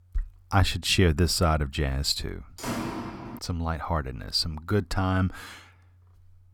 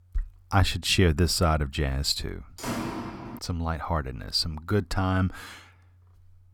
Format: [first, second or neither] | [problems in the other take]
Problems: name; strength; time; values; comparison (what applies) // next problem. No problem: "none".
neither | door banging; noticeable; at 2.5 s; peak 5 dB below the speech; the same in both